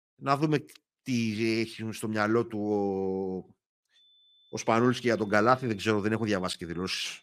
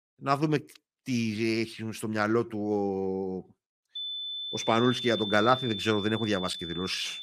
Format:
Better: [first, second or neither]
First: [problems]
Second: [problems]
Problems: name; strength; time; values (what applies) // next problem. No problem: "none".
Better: first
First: high-pitched whine; faint; from 4 s on; 3.5 kHz, 35 dB below the speech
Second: high-pitched whine; loud; from 4 s on; 3.5 kHz, 6 dB below the speech